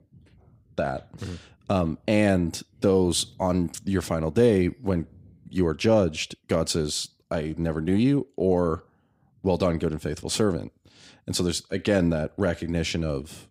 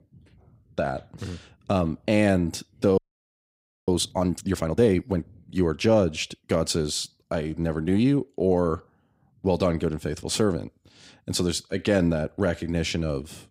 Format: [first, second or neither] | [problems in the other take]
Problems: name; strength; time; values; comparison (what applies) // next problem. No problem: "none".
first | audio freezing; at 3 s for 1 s